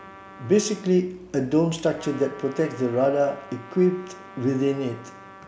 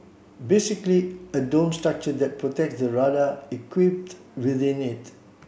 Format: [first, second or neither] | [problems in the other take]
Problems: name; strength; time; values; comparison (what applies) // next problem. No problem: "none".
second | background sound (Trumpet); 20 dB below the speech